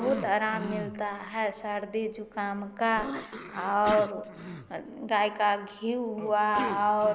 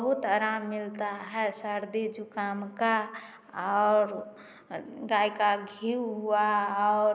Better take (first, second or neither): second